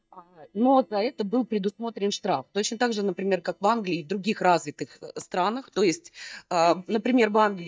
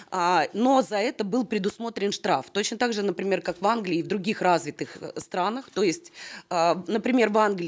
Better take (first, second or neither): second